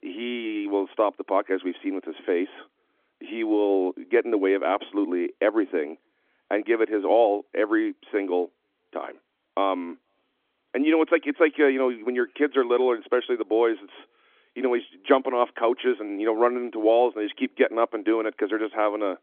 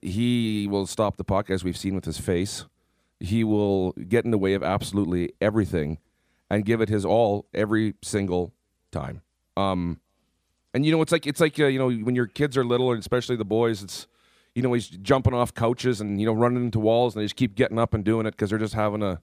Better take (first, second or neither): second